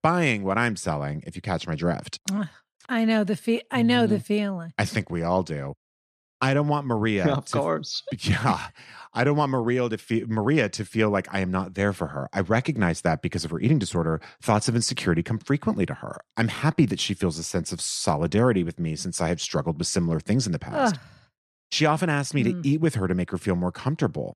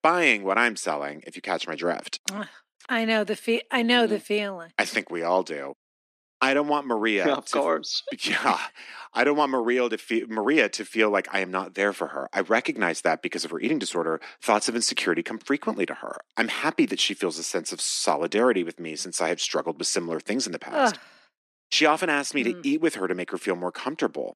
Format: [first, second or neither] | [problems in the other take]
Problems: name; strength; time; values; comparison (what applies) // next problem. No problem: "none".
first | thin; somewhat; fading below 250 Hz